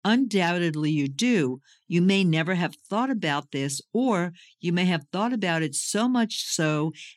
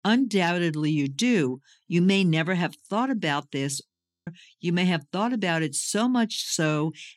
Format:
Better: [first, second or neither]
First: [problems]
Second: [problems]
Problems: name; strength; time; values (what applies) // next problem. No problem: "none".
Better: first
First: none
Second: audio freezing; at 4 s